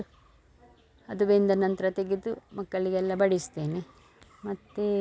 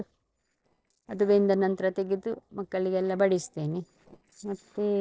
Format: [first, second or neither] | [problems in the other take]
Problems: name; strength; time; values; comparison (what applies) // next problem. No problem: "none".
first | noise reduction (neural separator model SepFormer DNS4)